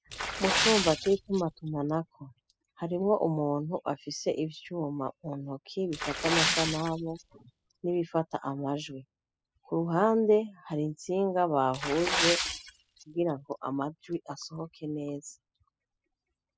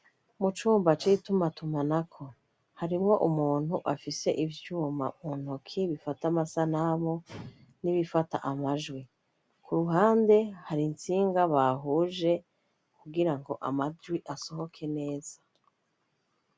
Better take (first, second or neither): second